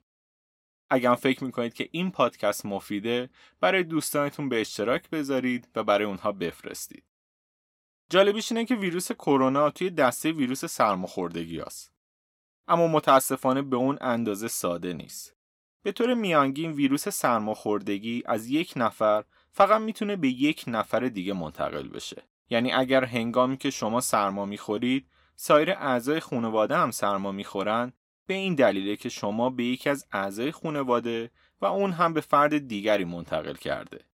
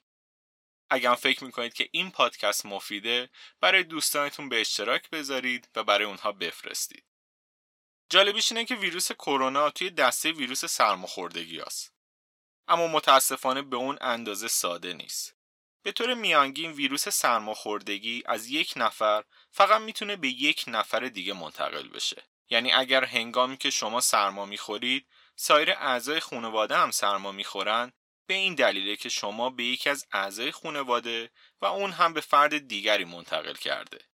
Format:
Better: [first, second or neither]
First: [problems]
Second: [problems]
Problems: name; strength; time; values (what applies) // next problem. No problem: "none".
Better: first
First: none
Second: thin; somewhat; fading below 950 Hz